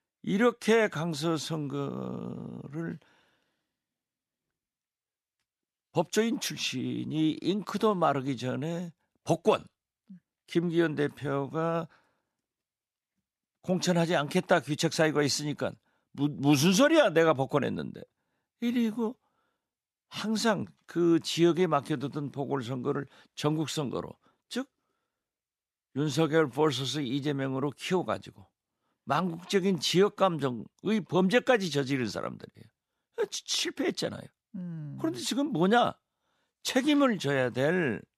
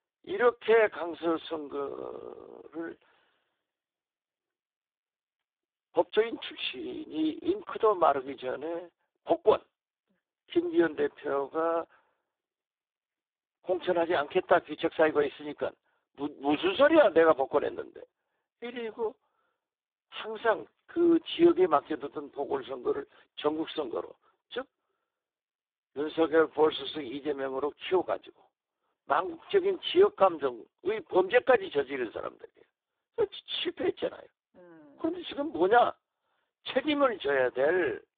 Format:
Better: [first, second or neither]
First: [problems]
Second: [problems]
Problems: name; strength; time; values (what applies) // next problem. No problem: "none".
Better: first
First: none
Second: phone-call audio; poor line; nothing above 3.5 kHz